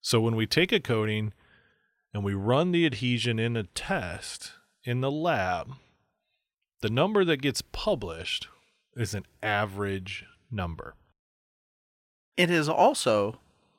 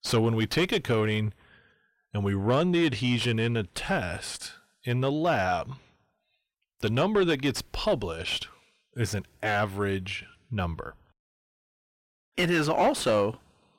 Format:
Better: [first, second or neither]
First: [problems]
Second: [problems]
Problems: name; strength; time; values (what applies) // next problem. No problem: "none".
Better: first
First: none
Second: distortion; slight; 9 dB below the speech